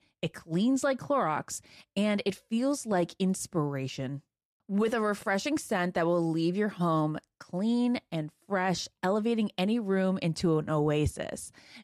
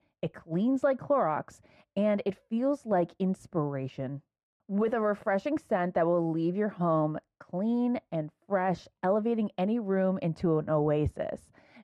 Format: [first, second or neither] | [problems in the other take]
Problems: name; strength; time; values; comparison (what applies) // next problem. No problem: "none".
first | muffled; very; fading above 3 kHz